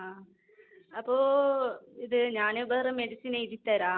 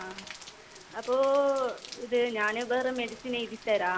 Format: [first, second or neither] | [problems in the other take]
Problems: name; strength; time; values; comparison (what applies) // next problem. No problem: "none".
first | background sound (Rain); 18 dB below the speech